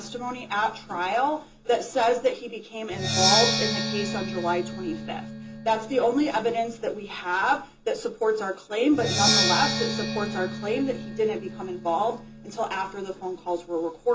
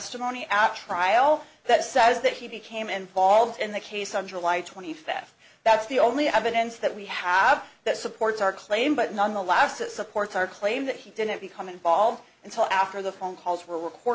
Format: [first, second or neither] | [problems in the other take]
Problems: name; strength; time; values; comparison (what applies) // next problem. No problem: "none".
second | background sound (Percussion); 4 dB below the speech // room echo; dies away in 0.2 s